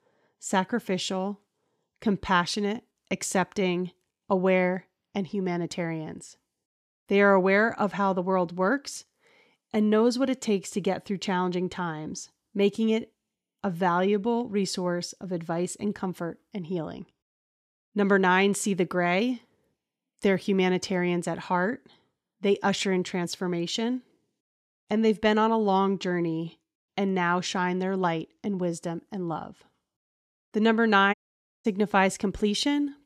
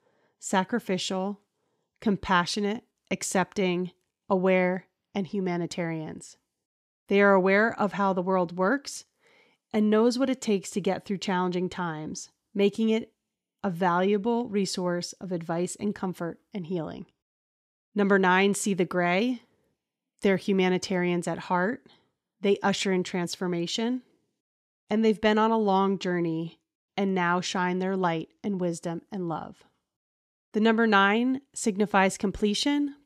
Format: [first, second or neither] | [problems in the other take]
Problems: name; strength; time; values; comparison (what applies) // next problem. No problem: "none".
second | audio cutting out; at 31 s for 0.5 s